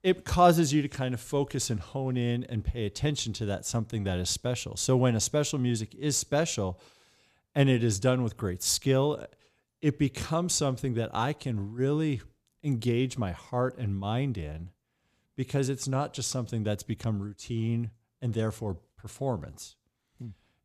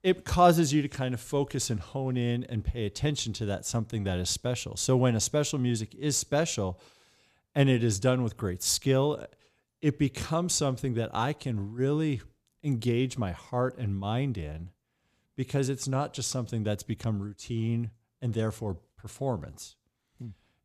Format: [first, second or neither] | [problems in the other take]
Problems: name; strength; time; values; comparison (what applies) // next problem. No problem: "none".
neither | none